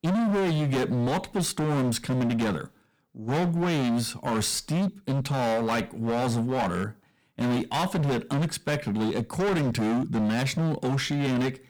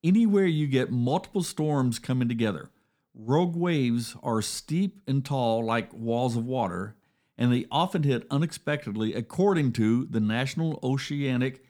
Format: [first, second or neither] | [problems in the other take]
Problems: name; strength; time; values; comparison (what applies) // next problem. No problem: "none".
second | distortion; heavy; 31% of the sound clipped